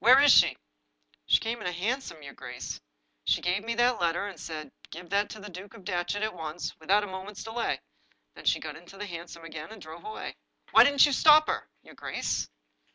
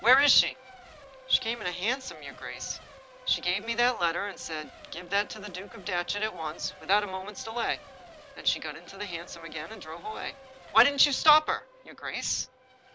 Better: first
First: none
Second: background sound (Race car, auto racing / Accelerating, revving, vroom / Mechanisms); 20 dB below the speech

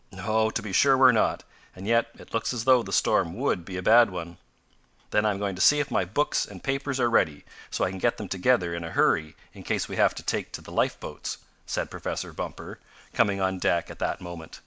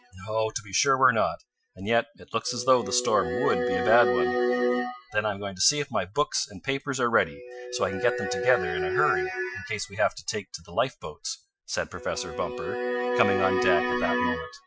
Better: first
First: none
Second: noise reduction (classical method Wiener filter)

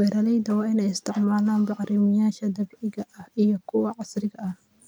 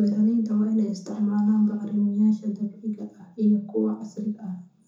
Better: first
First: none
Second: room echo; dies away in 0.7 s

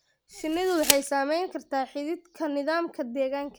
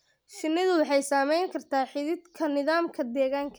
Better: second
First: background sound (Tick); 4 dB below the speech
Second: none

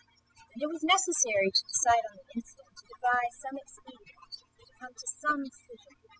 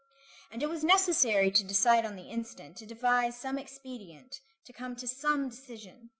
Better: second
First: noise reduction (classical method spectral subtraction)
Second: none

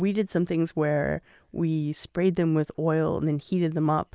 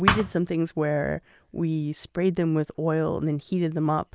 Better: first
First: none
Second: background sound (Thump, thud); 2 dB above the speech

